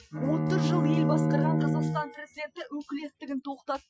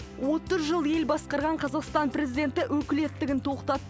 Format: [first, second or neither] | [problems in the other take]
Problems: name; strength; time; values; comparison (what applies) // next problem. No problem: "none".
second | noise reduction (classical method Wiener filter)